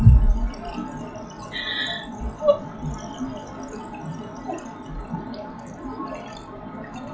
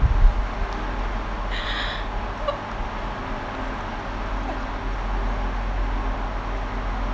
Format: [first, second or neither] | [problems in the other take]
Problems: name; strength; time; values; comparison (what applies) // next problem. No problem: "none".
second | noise reduction (classical method WPE with log-MMSE)